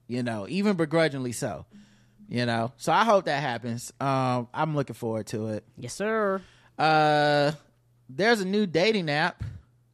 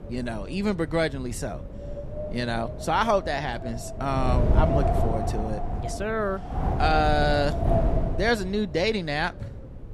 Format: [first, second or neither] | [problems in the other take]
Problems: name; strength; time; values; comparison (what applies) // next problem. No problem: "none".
first | wind noise on the microphone; heavy; 6 dB below the speech